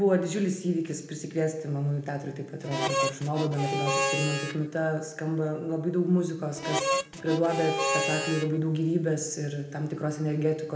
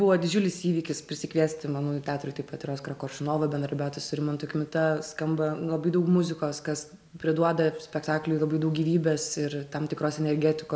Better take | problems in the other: second | background sound (Harmonica); 1 dB below the speech // room echo; dies away in 0.8 s

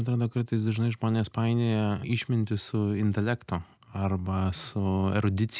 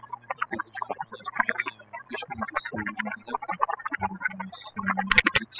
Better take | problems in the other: first | noise reduction (classical method spectral subtraction)

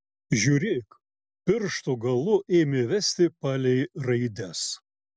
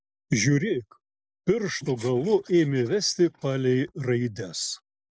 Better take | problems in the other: first | noise reduction (neural mask model Resemble Enhance denoiser)

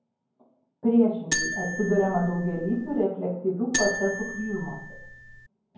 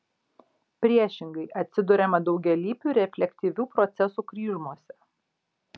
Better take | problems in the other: second | background sound (Marimba, xylophone); 5 dB below the speech // room echo; dies away in 0.9 s

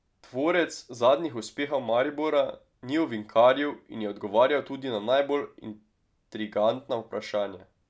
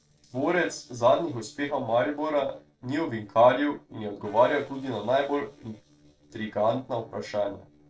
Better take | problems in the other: first | noise reduction (neural separator model SepFormer DNS4)

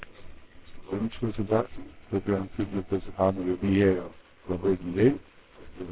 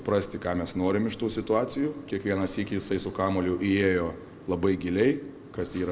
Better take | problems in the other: second | noise reduction (neural separator model SepFormer WHAMR!)

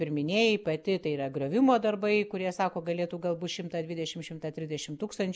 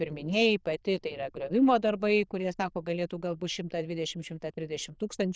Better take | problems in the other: first | noise reduction (neural diffusion model UNIVERSE++)

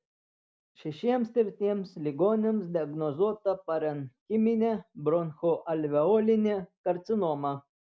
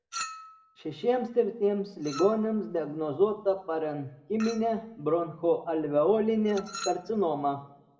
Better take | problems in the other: first | background sound (Chink, clink); 17 dB below the speech // room echo; dies away in 0.6 s

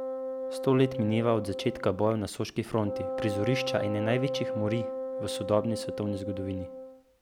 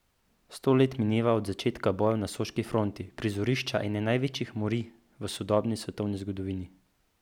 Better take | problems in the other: second | background sound (Wind instrument, woodwind instrument); 5 dB below the speech

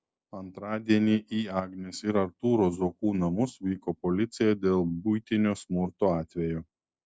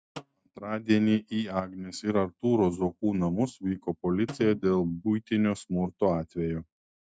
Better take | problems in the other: first | noise reduction (neural mask model RNNoise)

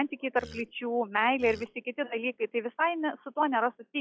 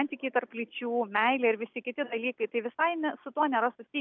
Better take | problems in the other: second | noise reduction (classical method log-MMSE)

